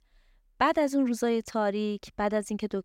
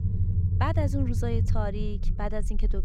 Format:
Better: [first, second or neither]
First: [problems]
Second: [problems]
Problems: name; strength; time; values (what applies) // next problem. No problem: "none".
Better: first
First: none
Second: low rumble; loud; throughout; 9 dB below the speech